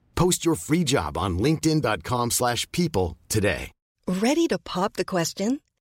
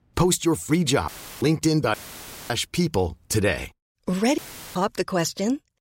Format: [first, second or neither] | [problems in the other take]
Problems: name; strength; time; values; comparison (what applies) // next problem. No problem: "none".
first | audio cutting out; filled with static; at 1 s, at 2 s for 0.5 s and at 4.5 s